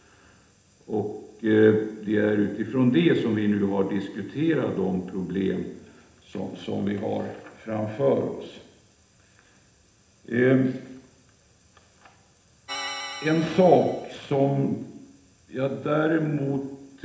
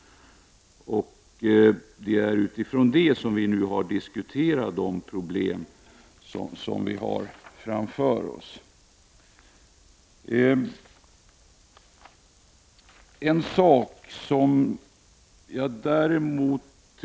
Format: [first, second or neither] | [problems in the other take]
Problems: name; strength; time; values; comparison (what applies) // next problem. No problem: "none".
second | background sound (Organ); 13 dB below the speech // room echo; dies away in 0.8 s